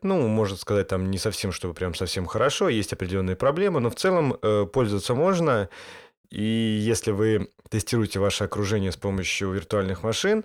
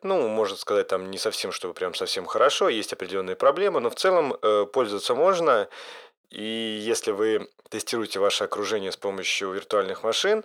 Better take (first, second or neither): first